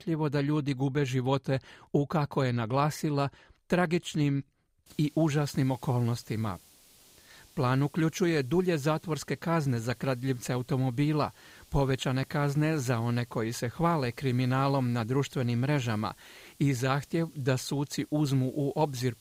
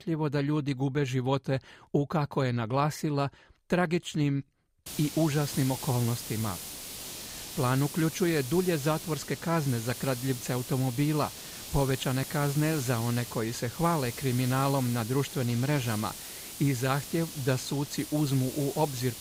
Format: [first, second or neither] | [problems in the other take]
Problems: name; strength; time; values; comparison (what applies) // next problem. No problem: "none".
first | hiss; loud; from 5 s on; 9 dB below the speech; faint in the first